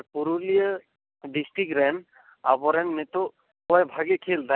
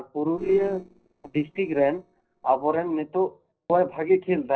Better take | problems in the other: first | noise reduction (neural separator model SepFormer DNS4)

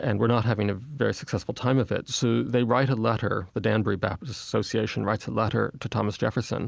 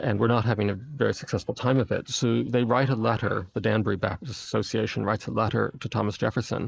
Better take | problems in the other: first | noise reduction (neural mask model Resemble Enhance denoiser)

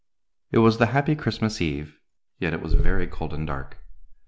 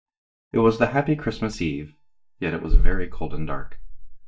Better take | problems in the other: first | noise reduction (neural mask model DeepFilterNet 3)

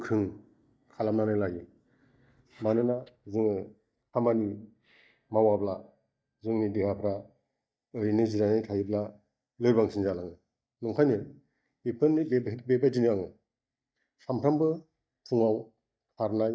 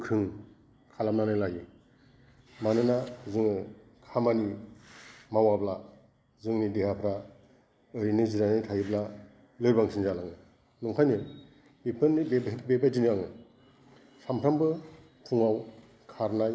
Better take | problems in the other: second | noise reduction (neural mask model DeepFilterNet 3)

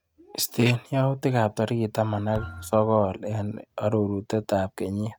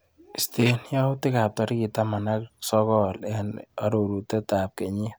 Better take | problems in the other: second | noise reduction (neural mask model RNNoise)

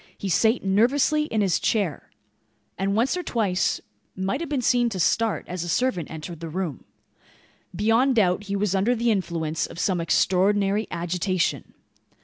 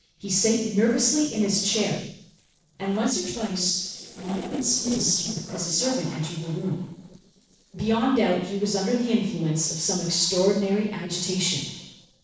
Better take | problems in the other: first | noise reduction (neural separator model SepFormer DNS4)

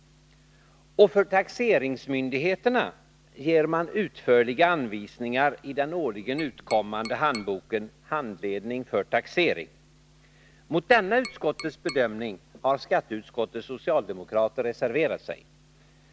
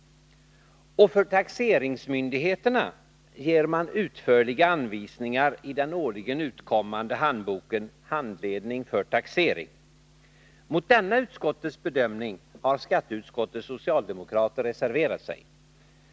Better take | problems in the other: second | background sound (Tap); 16 dB below the speech

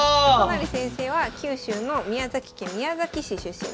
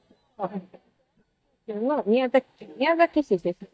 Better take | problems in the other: first | noise reduction (neural mask model DeepFilterNet 3)

